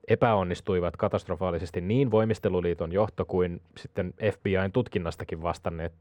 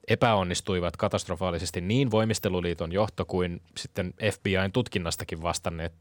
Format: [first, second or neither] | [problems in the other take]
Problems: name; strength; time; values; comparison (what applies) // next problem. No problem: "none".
second | muffled; very; fading above 3 kHz